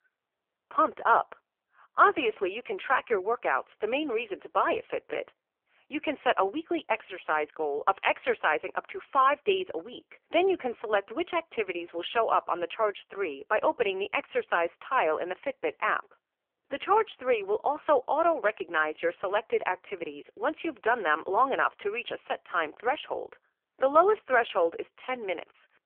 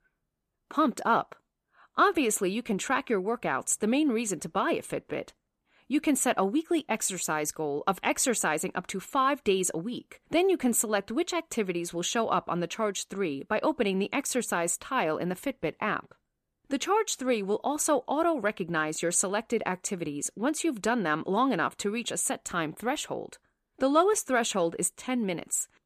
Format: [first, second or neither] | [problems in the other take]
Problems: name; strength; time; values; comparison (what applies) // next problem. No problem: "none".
second | phone-call audio; poor line; nothing above 3.5 kHz